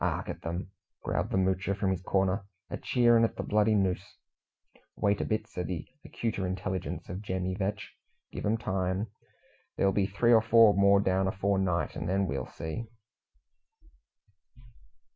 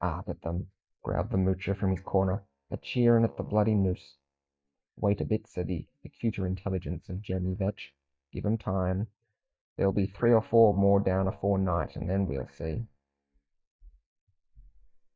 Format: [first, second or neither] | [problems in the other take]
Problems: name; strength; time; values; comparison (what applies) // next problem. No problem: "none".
first | noise reduction (neural mask model DeepFilterNet 3)